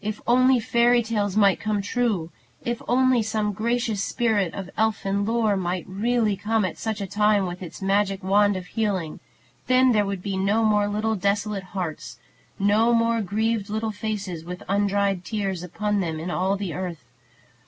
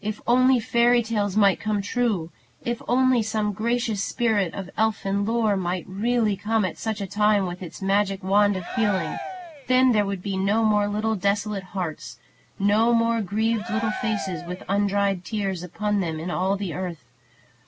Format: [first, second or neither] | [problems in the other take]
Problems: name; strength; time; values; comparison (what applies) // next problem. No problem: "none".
first | background sound (Cheering); 10 dB below the speech